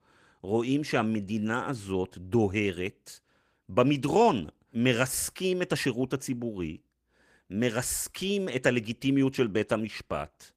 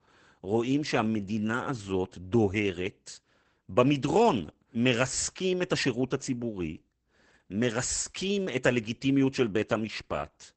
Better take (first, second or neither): first